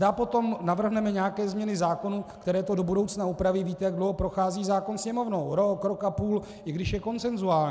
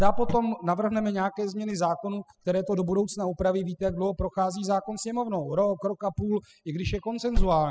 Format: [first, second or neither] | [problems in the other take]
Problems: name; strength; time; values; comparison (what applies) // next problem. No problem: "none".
first | noise reduction (classical method spectral subtraction)